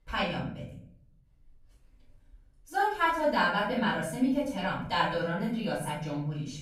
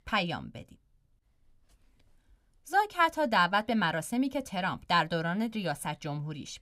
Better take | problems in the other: second | off-mic speech; far // room echo; noticeable; dies away in 0.7 s

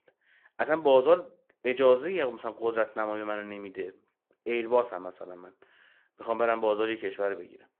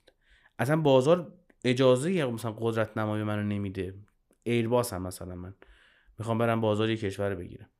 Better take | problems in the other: second | phone-call audio

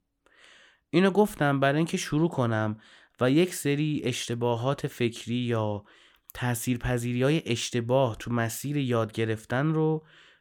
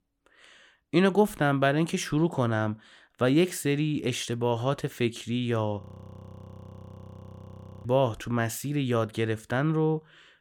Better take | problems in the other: first | audio freezing; at 6 s for 2 s

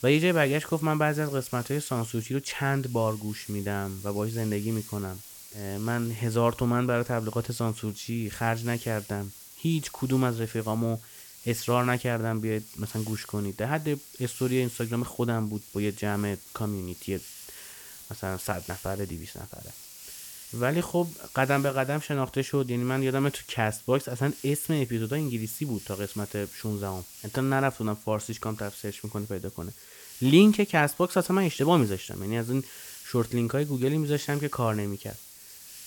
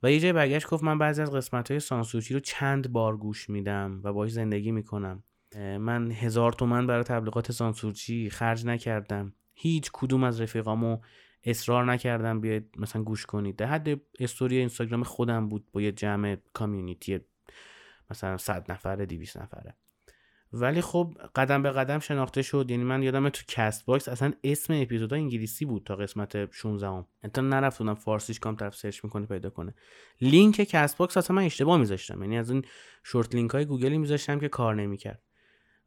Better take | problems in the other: second | hiss; noticeable; throughout; 15 dB below the speech

